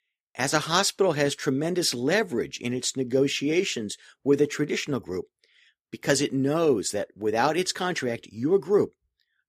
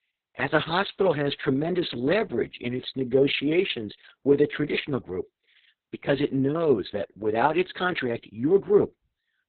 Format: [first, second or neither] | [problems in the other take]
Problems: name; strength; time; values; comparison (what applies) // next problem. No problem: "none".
first | garbled, watery; badly; nothing above 4 kHz